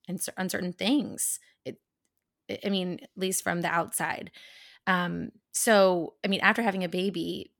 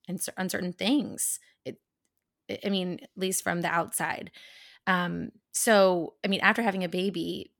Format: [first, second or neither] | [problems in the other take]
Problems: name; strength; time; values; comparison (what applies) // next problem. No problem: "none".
neither | none